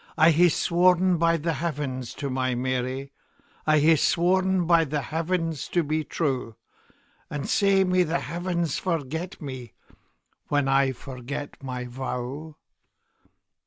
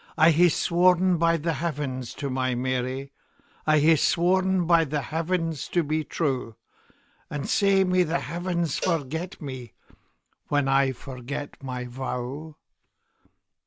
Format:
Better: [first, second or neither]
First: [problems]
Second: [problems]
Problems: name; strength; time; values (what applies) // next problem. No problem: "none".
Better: first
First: none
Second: background sound (Cowbell); 14 dB below the speech